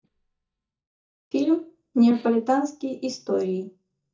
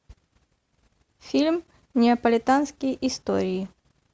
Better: second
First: noise reduction (neural mask model DeepFilterNet 3)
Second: none

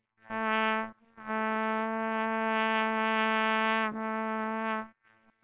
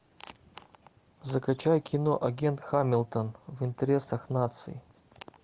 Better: second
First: noise reduction (neural separator model SepFormer WHAMR!)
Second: none

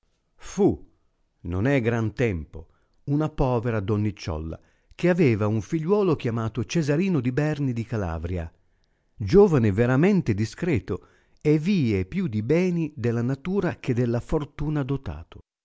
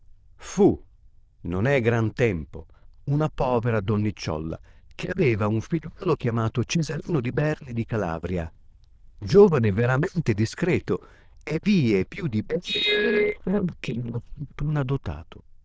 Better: first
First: none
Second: noise reduction (neural diffusion model UNIVERSE++)

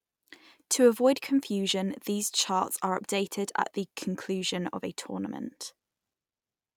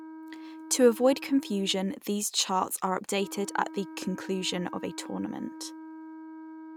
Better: first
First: none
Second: background sound (Wind instrument, woodwind instrument); 14 dB below the speech

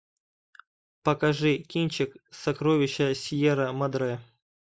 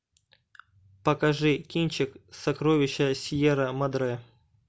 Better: second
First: noise reduction (neural mask model Resemble Enhance denoiser)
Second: none

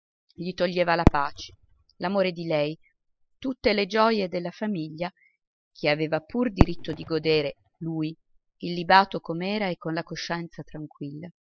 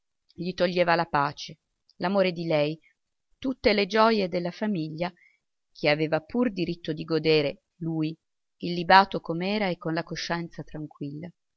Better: second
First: noise reduction (classical method spectral subtraction)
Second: none

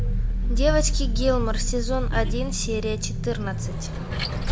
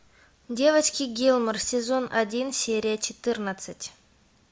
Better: second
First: background sound (Vehicle); 4 dB above the speech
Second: none

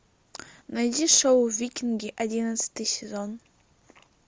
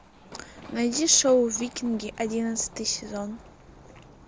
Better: first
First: none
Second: background sound (Run); 20 dB below the speech

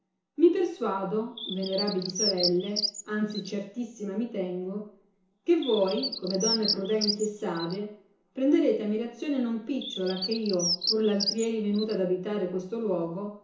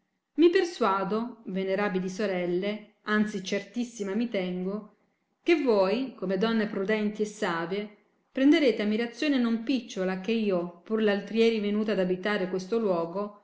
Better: second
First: background sound (Bird); 6 dB below the speech // room echo; dies away in 0.7 s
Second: none

